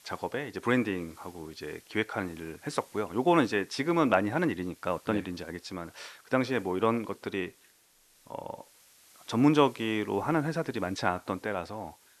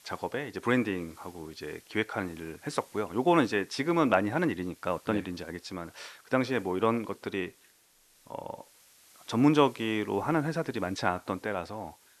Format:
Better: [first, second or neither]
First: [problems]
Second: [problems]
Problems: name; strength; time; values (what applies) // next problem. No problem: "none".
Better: neither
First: hiss; faint; throughout; 25 dB below the speech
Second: hiss; faint; throughout; 25 dB below the speech